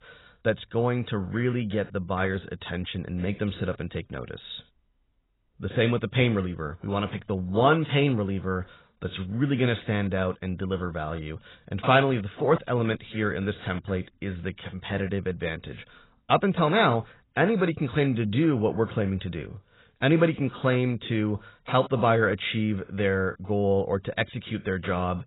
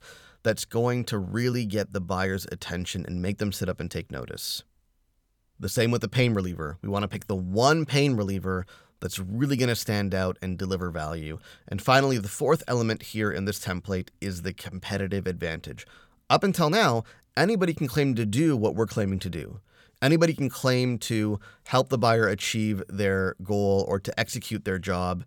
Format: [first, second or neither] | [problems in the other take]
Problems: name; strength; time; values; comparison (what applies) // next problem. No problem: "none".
second | garbled, watery; badly; nothing above 4 kHz